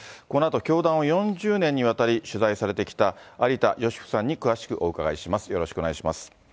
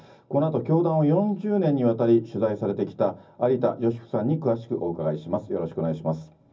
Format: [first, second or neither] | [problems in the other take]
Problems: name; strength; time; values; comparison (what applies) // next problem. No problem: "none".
first | room echo; dies away in 0.4 s